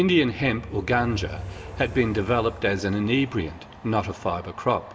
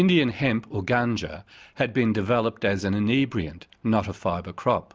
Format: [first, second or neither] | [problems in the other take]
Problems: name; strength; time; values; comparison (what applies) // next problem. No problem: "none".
second | background sound (Train); 14 dB below the speech // room echo; dies away in 2.3 s